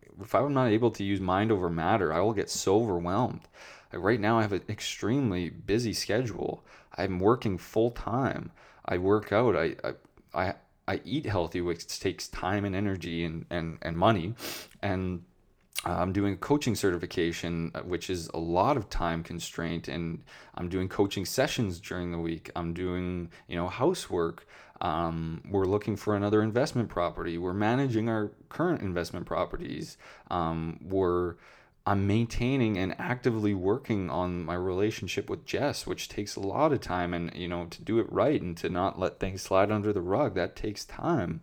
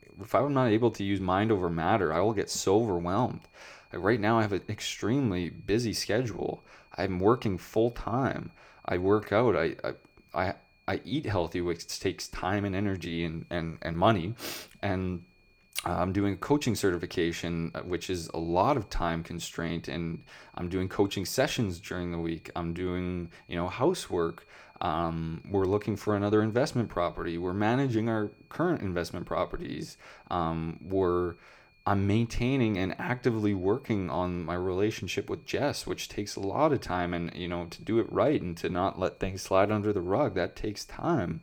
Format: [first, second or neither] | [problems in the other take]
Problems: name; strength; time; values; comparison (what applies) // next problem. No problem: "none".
first | high-pitched whine; faint; throughout; 2.5 kHz, 35 dB below the speech